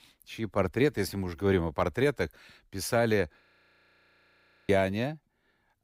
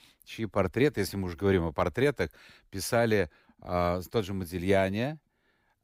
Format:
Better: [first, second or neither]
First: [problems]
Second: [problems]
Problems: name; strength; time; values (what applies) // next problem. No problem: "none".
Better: second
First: audio freezing; at 3.5 s for 1.5 s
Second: none